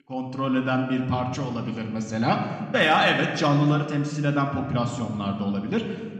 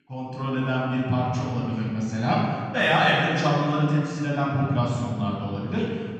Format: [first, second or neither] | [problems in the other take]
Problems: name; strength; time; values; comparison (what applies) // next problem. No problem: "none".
first | room echo; strong; dies away in 2 s; slight in the first // off-mic speech; far